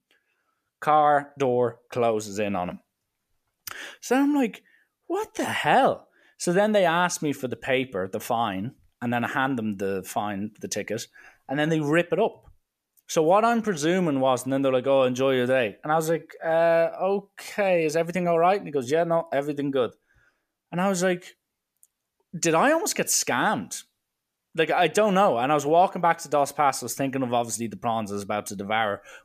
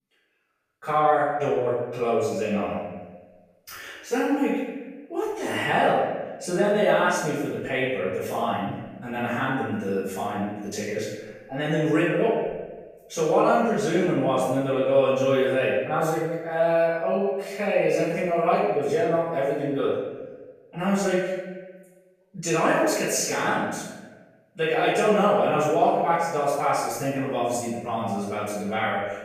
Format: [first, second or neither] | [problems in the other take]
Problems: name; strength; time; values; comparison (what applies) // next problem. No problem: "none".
first | off-mic speech; far // room echo; strong; dies away in 1.1 s